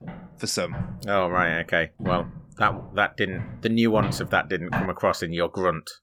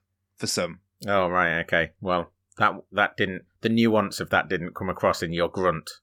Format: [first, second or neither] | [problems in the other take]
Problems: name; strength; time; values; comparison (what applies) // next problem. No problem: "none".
second | footsteps; noticeable; until 5 s; peak 4 dB below the speech